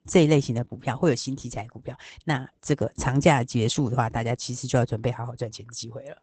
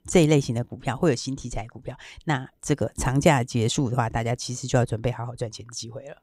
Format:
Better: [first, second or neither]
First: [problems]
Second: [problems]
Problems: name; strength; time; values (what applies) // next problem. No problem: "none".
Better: second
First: garbled, watery; badly; nothing above 8 kHz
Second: none